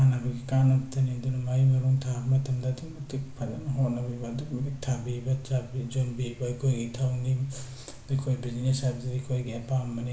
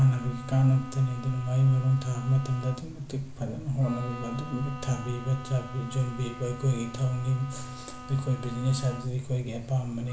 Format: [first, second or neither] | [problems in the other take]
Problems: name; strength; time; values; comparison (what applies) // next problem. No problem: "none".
first | background sound (Bowed string instrument); 16 dB below the speech